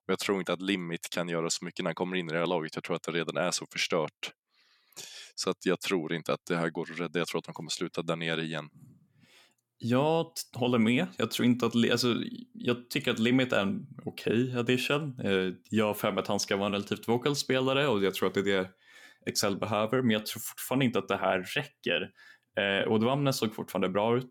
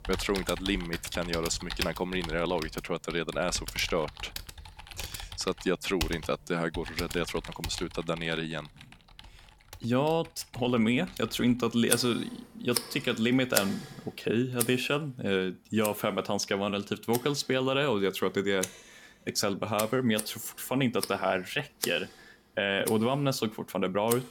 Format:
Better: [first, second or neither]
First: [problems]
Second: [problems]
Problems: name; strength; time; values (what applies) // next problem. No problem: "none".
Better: first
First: none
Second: household noises; loud; throughout; 8 dB below the speech